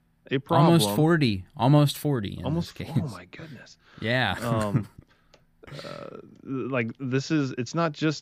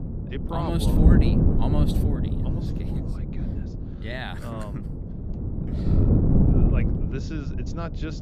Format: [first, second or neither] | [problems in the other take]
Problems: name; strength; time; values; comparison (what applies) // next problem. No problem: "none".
first | wind noise on the microphone; heavy; 2 dB above the speech